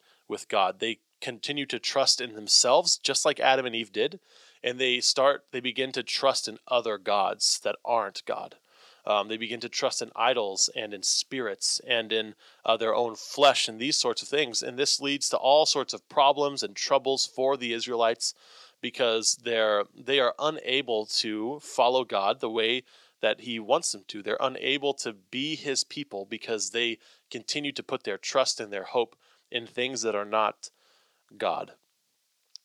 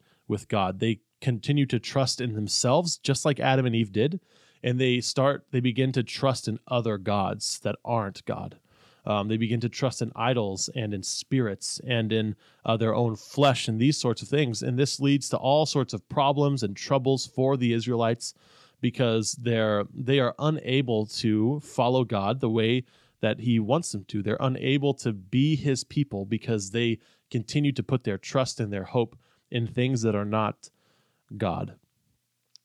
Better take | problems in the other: second | thin; very; fading below 550 Hz

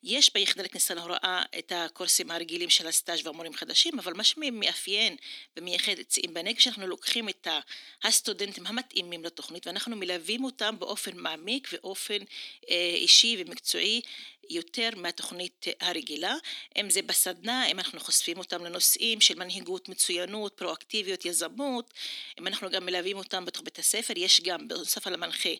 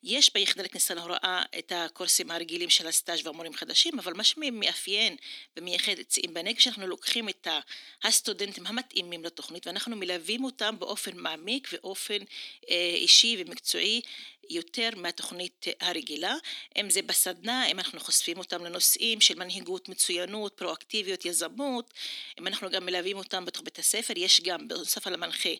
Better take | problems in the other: neither | thin; somewhat; fading below 250 Hz; the same in both

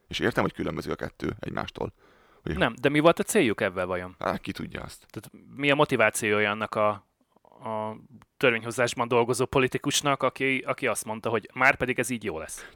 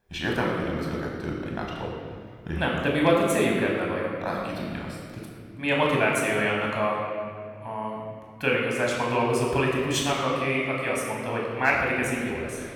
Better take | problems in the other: first | off-mic speech; far // room echo; noticeable; dies away in 1.8 s

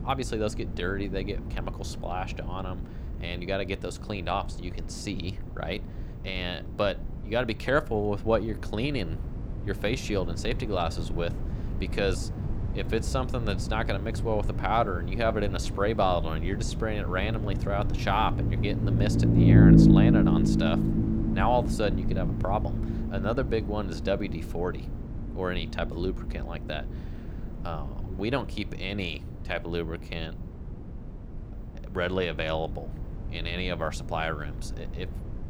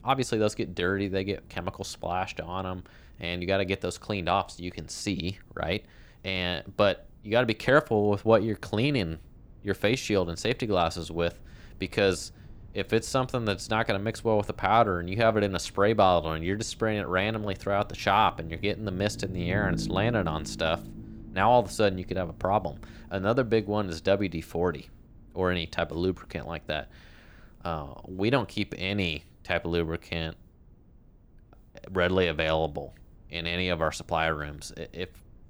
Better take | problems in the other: second | low rumble; loud; throughout; 4 dB below the speech; faint in the second

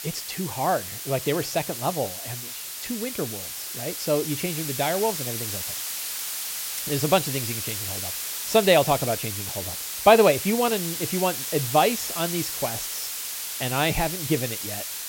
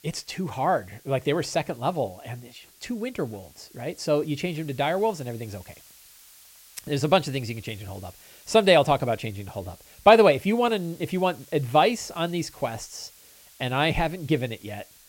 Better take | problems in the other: second | hiss; loud; throughout; 4 dB below the speech; faint in the second

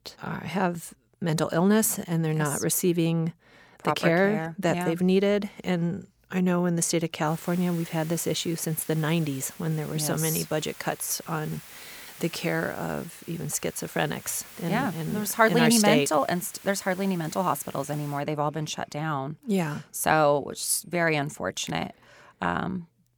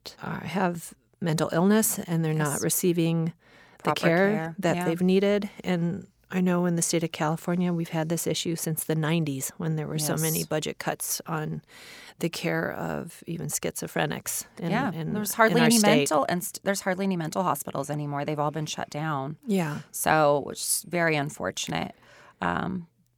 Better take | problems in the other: second | hiss; noticeable; from 7.5 to 18 s; 20 dB below the speech

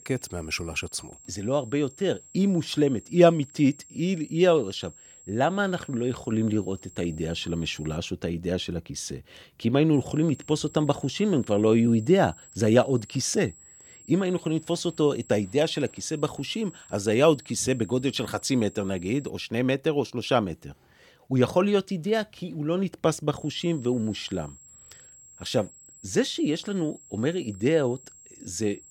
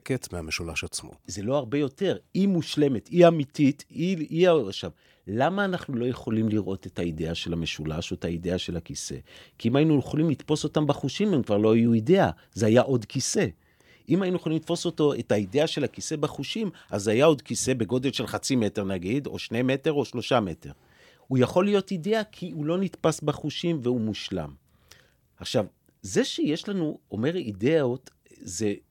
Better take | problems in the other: second | high-pitched whine; faint; until 8 s, from 10 to 19 s and from 23 s on; 7.5 kHz, 20 dB below the speech

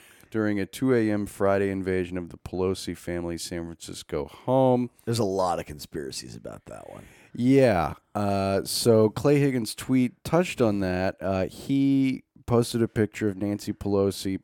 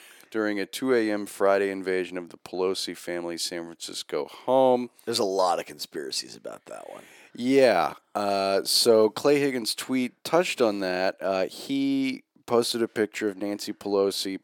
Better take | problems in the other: first | thin; very slightly; fading below 350 Hz

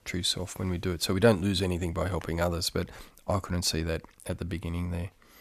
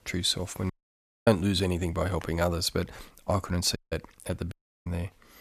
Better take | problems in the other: first | audio cutting out; at 0.5 s for 0.5 s, at 4 s and at 4.5 s

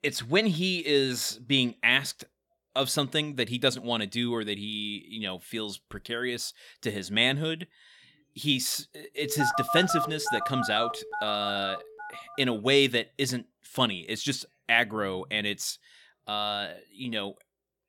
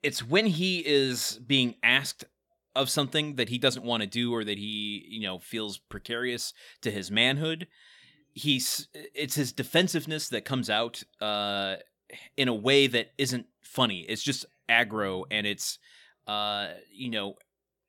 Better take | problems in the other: second | phone ringing; loud; from 9 to 12 s; peak 1 dB above the speech

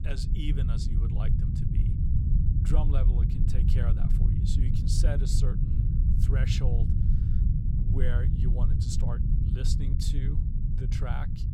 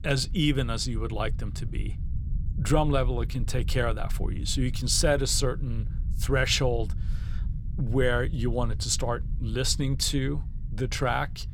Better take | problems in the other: second | low rumble; loud; throughout; as loud as the speech; faint in the second

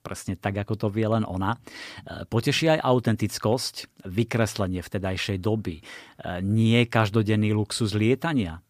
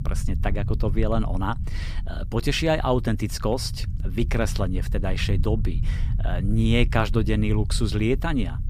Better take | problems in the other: first | low rumble; noticeable; throughout; 15 dB below the speech

